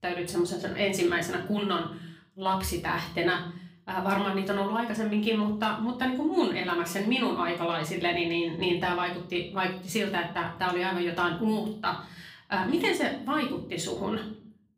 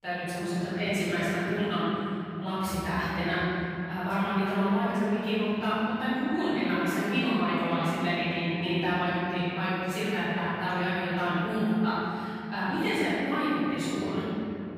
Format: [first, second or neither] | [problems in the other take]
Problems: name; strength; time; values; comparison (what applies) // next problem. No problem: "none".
first | room echo; strong; dies away in 3 s; slight in the first // off-mic speech; far; far in the first